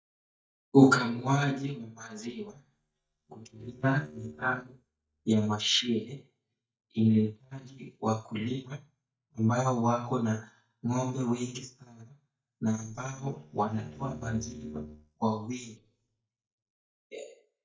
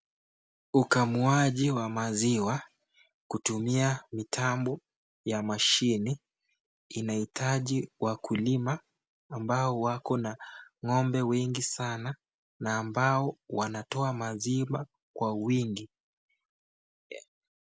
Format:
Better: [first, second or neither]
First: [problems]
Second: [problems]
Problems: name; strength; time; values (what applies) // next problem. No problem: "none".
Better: second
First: noise reduction (neural mask model DeepFilterNet 3)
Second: none